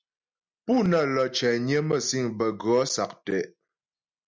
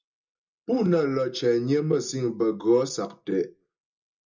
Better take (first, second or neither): first